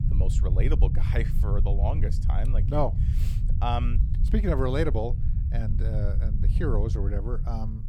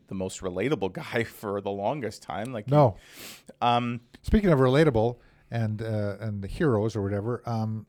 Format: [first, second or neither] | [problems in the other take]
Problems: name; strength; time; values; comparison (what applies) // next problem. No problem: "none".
second | low rumble; loud; throughout; 10 dB below the speech